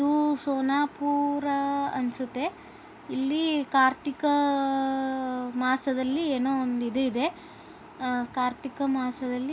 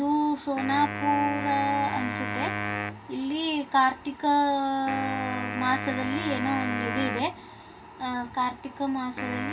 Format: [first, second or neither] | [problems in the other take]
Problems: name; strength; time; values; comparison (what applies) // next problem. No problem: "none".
first | background sound (Wind instrument, woodwind instrument); 7 dB below the speech // room echo; dies away in 0.2 s